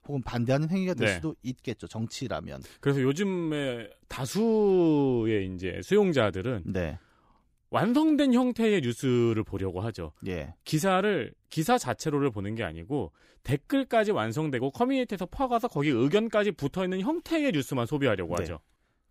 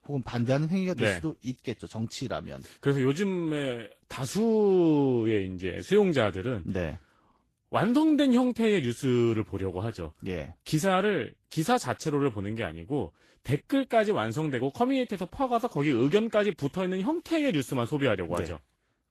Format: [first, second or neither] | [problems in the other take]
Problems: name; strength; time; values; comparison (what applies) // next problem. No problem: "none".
first | garbled, watery; slightly; nothing above 12.5 kHz